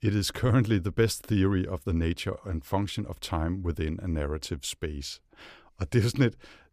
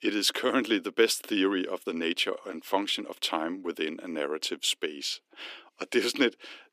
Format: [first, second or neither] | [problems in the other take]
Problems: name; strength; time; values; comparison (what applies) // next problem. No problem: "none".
first | thin; somewhat; fading below 300 Hz